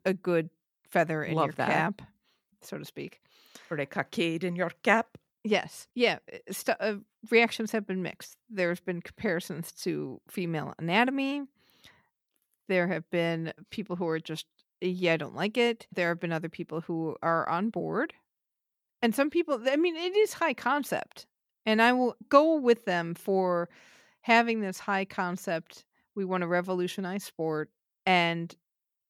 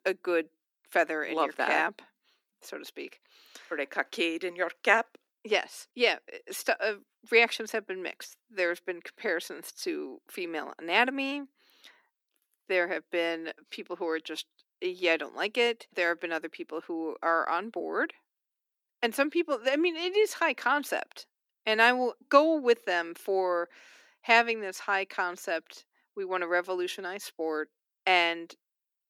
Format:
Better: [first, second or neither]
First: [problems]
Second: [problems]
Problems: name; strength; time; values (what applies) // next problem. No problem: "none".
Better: first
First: none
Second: thin; somewhat; fading below 300 Hz